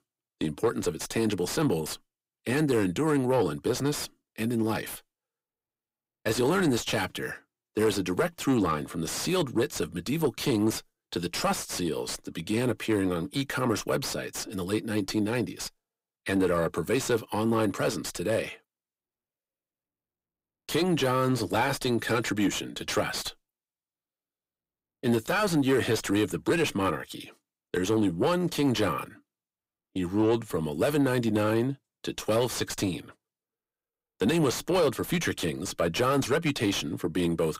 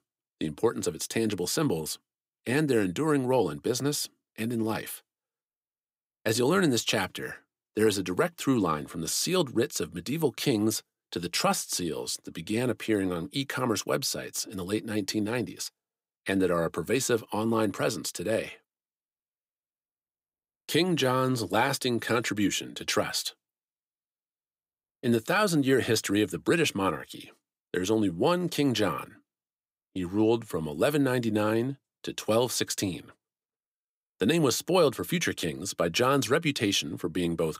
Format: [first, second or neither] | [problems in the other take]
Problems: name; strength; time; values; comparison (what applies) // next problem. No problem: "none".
second | distortion; slight; 10 dB below the speech